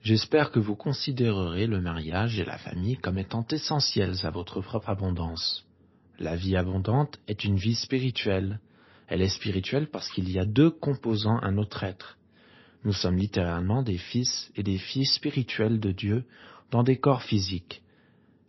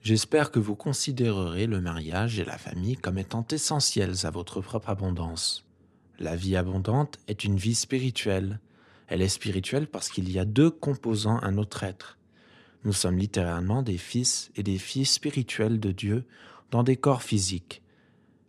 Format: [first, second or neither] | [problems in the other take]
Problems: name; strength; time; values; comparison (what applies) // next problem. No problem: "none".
second | garbled, watery; slightly; nothing above 5.5 kHz